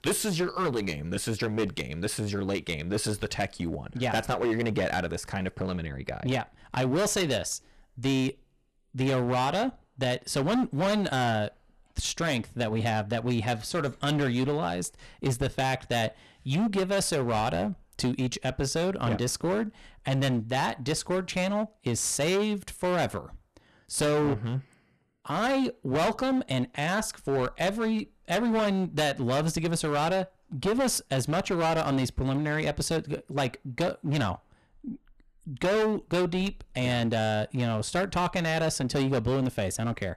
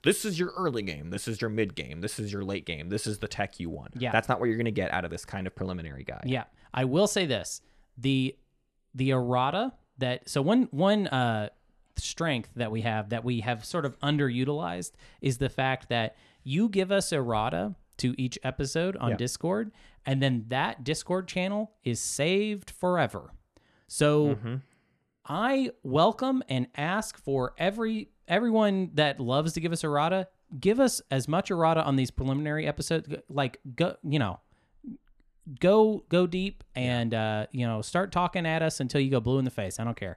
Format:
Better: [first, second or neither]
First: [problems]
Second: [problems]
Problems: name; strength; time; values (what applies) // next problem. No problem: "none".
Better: second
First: distortion; heavy; 16% of the sound clipped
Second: none